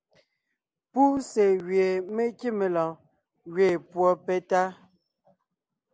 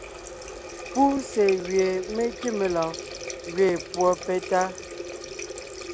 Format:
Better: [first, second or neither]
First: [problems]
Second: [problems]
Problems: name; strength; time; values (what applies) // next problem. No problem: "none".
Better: first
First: none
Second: background sound (Water tap, faucet); 10 dB below the speech